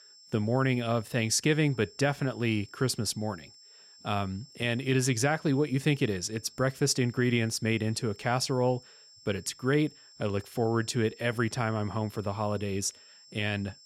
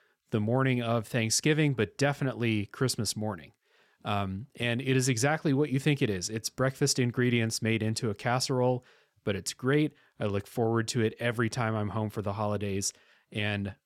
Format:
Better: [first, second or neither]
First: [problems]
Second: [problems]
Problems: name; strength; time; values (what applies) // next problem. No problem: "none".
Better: second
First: high-pitched whine; faint; throughout; 5.5 kHz, 25 dB below the speech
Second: none